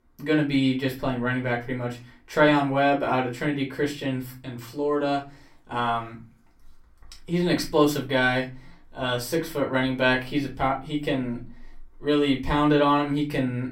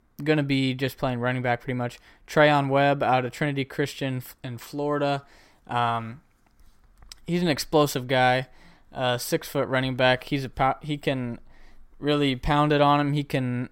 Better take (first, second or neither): second